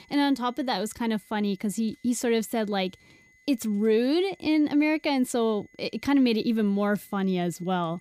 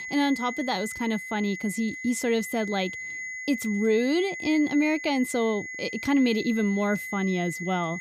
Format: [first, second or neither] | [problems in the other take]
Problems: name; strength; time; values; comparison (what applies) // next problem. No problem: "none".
first | high-pitched whine; loud; throughout; 2 kHz, 8 dB below the speech; faint in the first